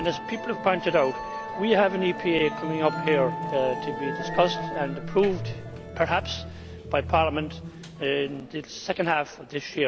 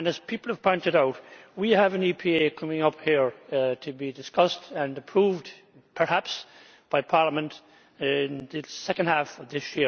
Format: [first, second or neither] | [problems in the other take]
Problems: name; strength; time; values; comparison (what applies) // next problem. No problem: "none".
second | background sound (Musical instrument); 7 dB below the speech